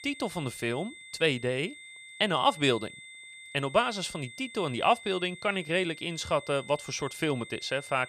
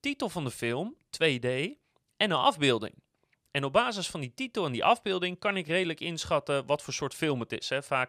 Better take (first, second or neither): second